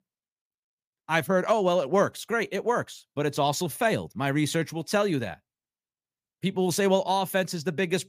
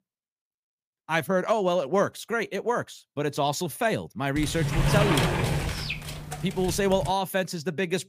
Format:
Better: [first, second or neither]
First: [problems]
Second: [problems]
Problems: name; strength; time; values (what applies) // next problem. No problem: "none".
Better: first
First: none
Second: door banging; loud; from 4.5 to 7 s; peak 4 dB above the speech